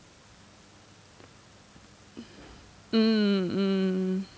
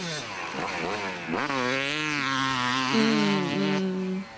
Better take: first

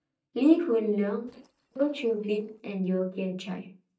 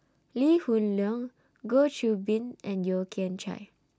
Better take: second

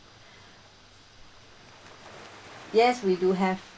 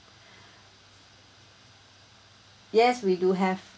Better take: second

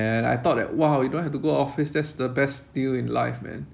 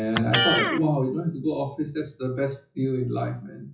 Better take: first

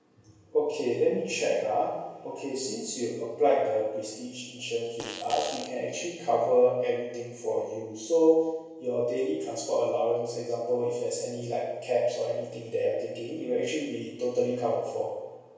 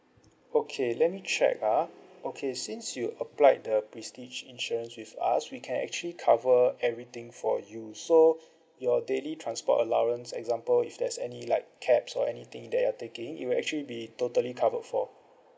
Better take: second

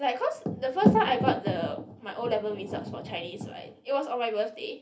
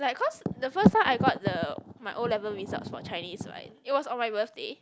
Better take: second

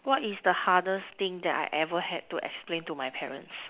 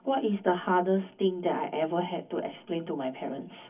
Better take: first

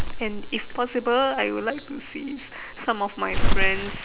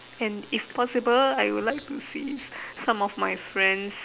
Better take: second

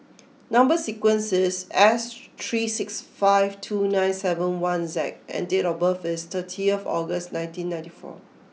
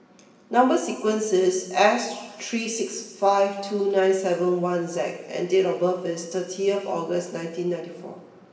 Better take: first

